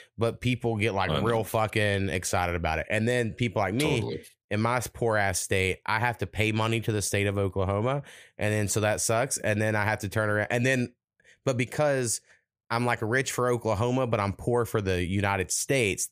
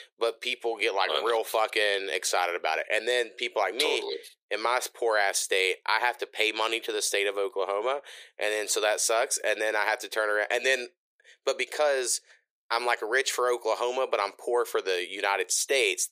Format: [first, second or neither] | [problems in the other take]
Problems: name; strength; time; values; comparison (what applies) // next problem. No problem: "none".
first | thin; very; fading below 400 Hz